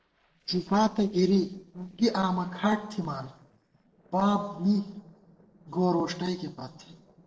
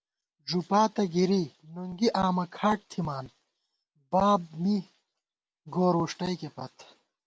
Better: second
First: noise reduction (neural separator model SepFormer DNS4)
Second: none

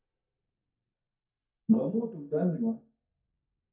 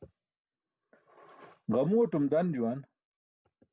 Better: second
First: noise reduction (neural mask model DeepFilterNet 3)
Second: none

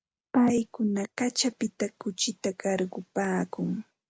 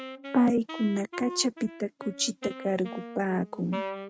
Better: first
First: none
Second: noise reduction (neural mask model RNNoise)

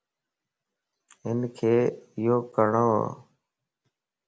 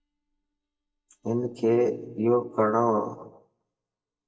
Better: first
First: none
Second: noise reduction (neural mask model DeepFilterNet 3)

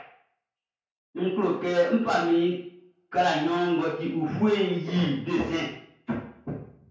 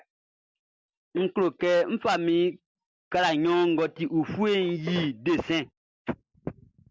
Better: second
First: room echo; dies away in 0.5 s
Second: none

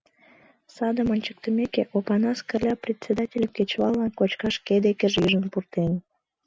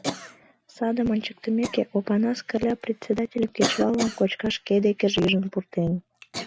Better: first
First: none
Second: background sound (Cough); 11 dB below the speech

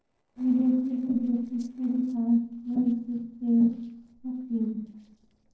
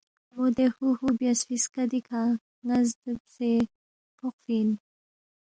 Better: second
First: noise reduction (neural separator model SepFormer DNS4)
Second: none

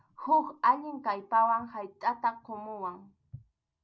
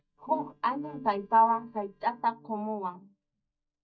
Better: first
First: none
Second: noise reduction (neural mask model DeepFilterNet 3)

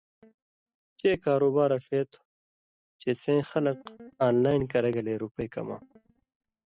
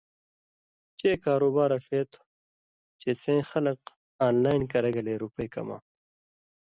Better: second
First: noise reduction (neural mask model DeepFilterNet 3)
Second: none

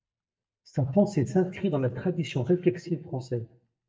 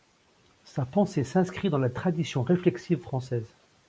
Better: second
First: noise reduction (neural mask model DeepFilterNet 3)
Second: none

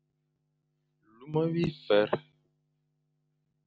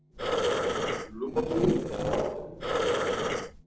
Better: first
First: none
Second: noise reduction (neural separator model SepFormer DNS4)

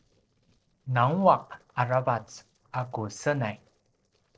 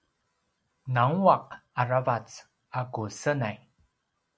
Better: second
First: noise reduction (neural separator model SepFormer DNS4)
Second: none

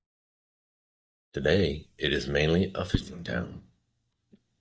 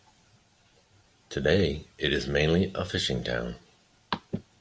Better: second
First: noise reduction (neural mask model DeepFilterNet 3)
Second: none

